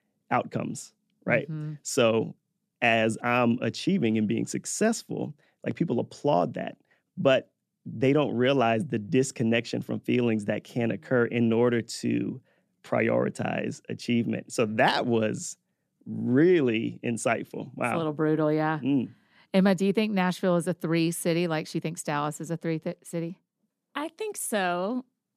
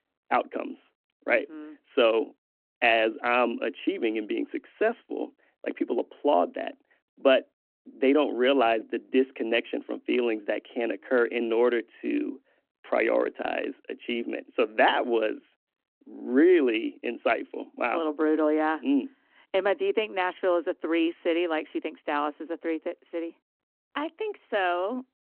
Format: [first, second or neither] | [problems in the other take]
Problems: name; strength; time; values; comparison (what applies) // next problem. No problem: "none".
first | phone-call audio